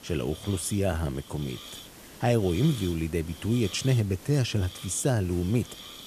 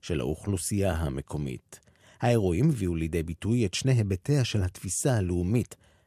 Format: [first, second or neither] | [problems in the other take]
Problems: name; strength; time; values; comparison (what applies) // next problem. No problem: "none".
second | hiss; noticeable; throughout; 15 dB below the speech